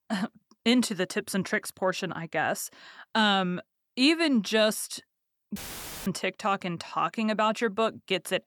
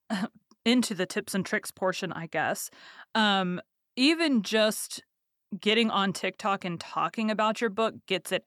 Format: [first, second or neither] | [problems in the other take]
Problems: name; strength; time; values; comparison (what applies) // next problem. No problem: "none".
second | audio cutting out; filled with static; at 5.5 s for 0.5 s